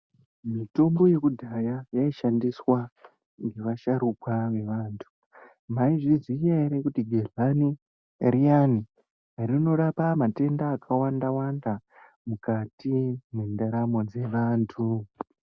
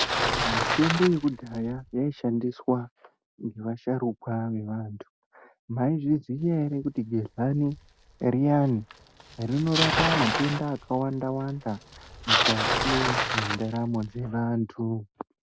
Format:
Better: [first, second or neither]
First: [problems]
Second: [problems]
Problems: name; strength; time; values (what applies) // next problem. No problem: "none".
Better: first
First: none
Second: background sound (Bicycle); 4 dB below the speech